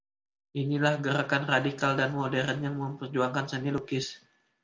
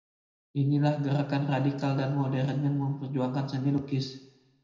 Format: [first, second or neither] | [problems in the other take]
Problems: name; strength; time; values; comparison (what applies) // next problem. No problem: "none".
first | room echo; dies away in 0.8 s